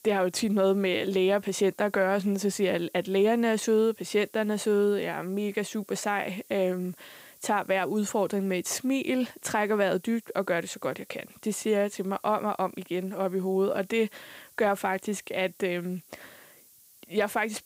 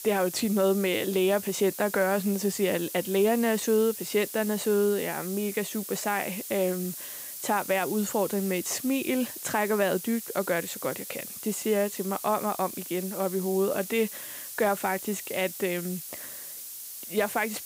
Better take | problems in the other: first | hiss; loud; throughout; 9 dB below the speech; faint in the first

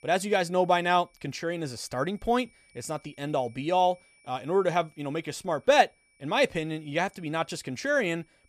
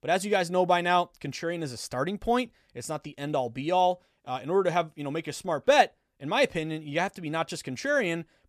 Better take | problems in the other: second | high-pitched whine; faint; throughout; 2.5 kHz, 35 dB below the speech

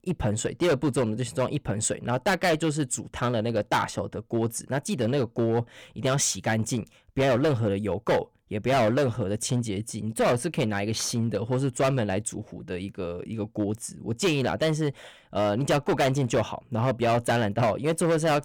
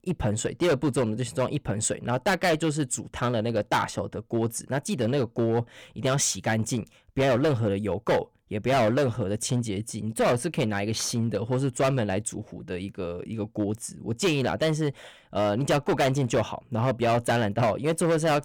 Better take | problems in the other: neither | distortion; heavy; 9% of the sound clipped; the same in both

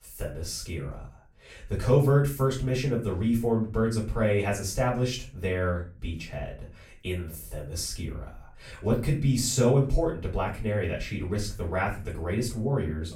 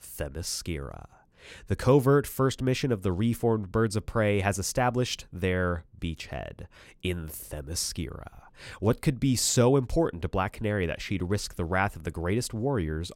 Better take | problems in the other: second | room echo; slight; dies away in 0.3 s // off-mic speech; far

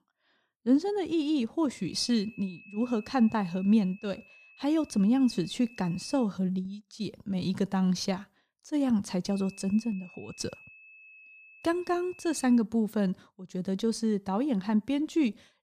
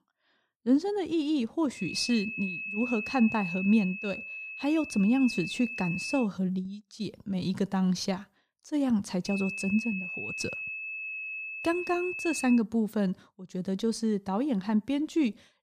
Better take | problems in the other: first | high-pitched whine; loud; from 2 to 6 s and from 9.5 to 13 s; 2.5 kHz, 6 dB below the speech; faint in the first

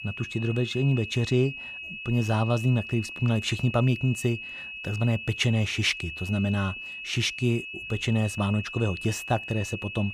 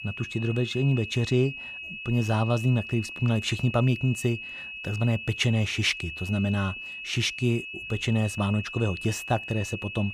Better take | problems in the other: neither | high-pitched whine; loud; throughout; 2.5 kHz, 9 dB below the speech; the same in both

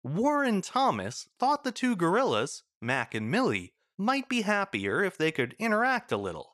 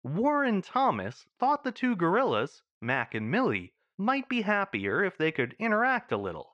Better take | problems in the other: first | muffled; slightly; fading above 2.5 kHz

